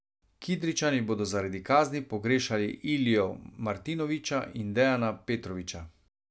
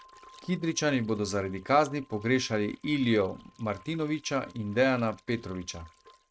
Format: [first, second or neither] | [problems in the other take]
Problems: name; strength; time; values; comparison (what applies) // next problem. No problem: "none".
first | noise reduction (neural mask model RNNoise)